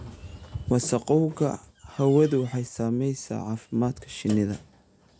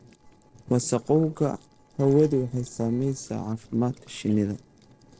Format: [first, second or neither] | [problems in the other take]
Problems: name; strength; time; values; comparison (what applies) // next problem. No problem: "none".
first | noise reduction (neural separator model SepFormer DNS4)